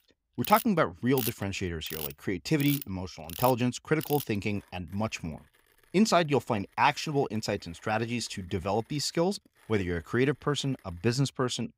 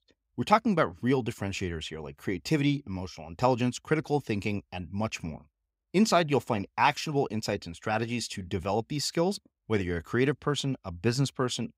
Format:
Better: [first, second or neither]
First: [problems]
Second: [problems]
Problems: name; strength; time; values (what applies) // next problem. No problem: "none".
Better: second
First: machinery noise; loud; throughout; 9 dB below the speech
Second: none